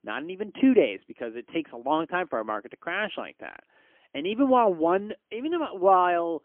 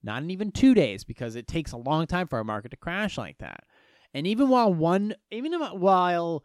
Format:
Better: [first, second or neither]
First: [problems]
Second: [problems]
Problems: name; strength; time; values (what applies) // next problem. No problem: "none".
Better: second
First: phone-call audio; poor line; nothing above 3.5 kHz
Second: none